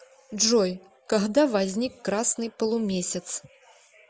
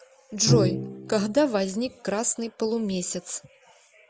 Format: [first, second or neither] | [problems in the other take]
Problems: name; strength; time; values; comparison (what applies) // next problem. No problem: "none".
first | background sound (Bowed string instrument); 4 dB below the speech